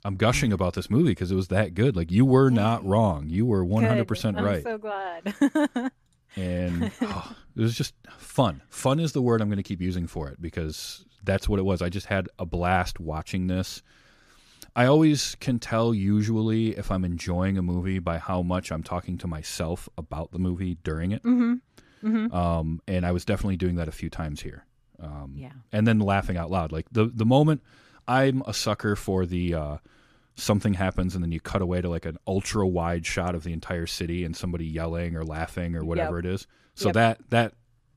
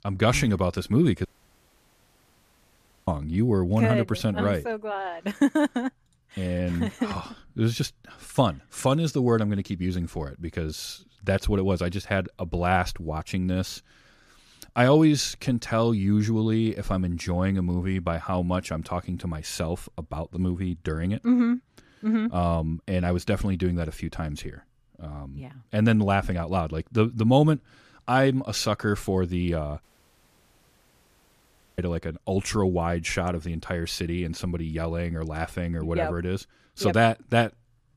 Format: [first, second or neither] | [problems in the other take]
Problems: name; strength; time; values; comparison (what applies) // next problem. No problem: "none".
first | audio cutting out; at 1.5 s for 2 s and at 30 s for 2 s